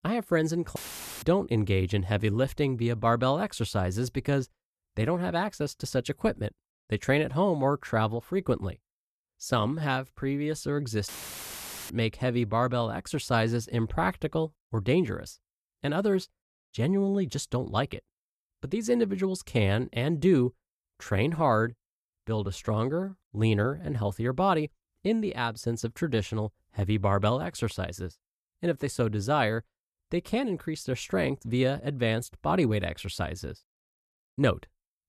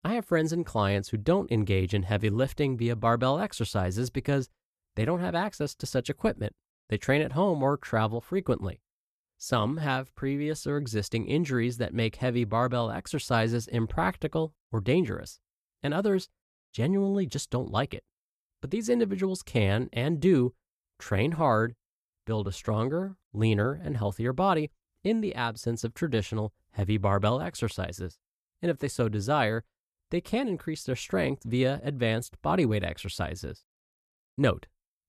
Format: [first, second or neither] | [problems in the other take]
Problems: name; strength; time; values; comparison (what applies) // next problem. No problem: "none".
second | audio cutting out; filled with static; at 1 s and at 11 s for 1 s